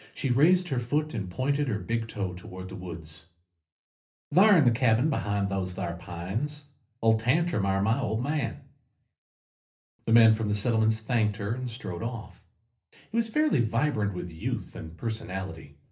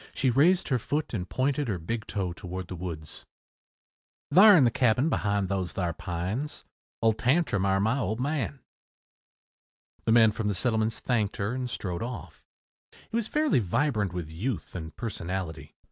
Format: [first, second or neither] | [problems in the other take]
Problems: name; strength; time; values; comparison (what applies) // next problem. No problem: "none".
second | room echo; dies away in 0.3 s